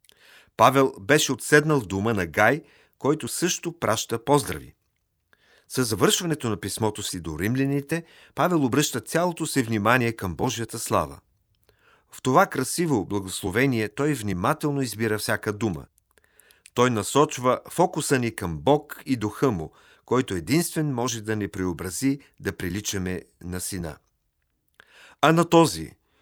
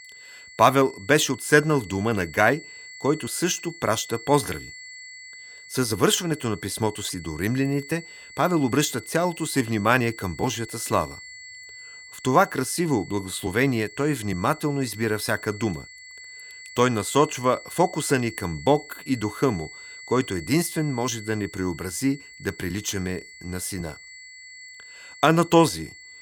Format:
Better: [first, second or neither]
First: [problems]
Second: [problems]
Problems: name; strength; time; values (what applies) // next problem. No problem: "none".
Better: first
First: none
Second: high-pitched whine; noticeable; throughout; 2 kHz, 15 dB below the speech